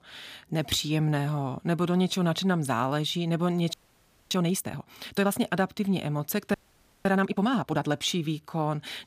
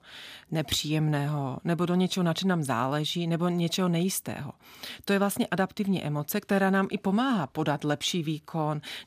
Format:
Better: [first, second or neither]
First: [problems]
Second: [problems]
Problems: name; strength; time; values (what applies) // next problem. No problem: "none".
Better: second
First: audio freezing; at 3.5 s for 0.5 s and at 6.5 s for 0.5 s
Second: none